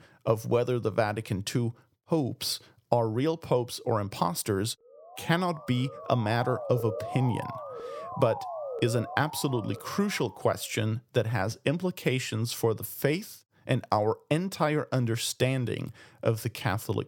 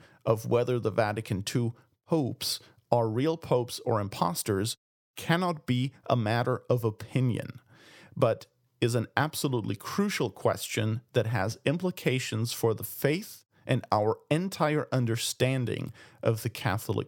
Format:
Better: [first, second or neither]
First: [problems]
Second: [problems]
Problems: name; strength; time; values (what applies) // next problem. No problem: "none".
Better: second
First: siren; noticeable; from 5 to 10 s; peak 6 dB below the speech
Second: none